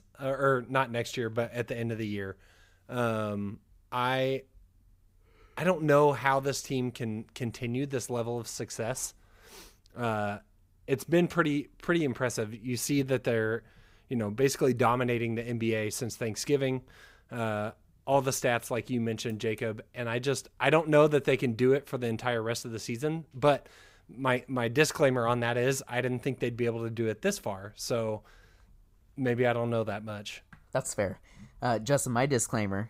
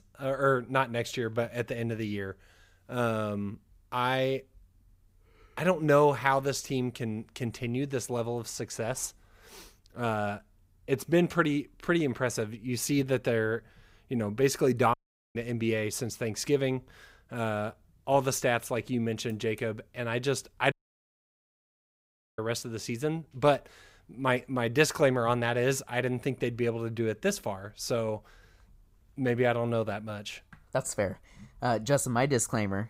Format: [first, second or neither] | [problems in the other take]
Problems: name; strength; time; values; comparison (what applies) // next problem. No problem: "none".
first | audio cutting out; at 15 s and at 21 s for 1.5 s